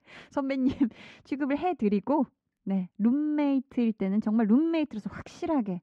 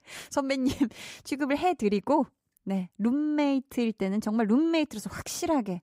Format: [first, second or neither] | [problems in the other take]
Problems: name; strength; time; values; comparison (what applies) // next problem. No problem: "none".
second | muffled; slightly; fading above 3 kHz